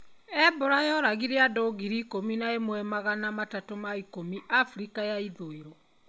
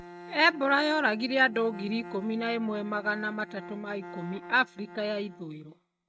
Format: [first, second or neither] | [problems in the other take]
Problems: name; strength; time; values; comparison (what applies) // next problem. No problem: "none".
first | noise reduction (neural mask model RNNoise)